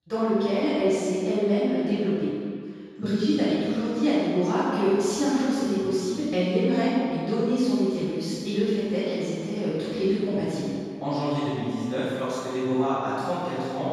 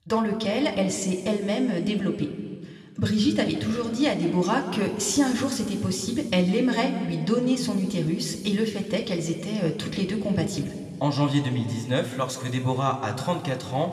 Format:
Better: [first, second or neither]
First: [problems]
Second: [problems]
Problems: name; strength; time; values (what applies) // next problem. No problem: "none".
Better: second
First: room echo; strong; dies away in 2.1 s // off-mic speech; far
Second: room echo; slight; dies away in 2 s // off-mic speech; somewhat distant